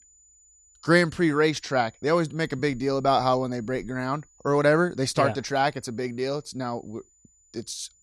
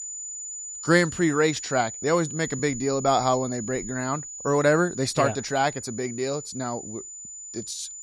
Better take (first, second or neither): first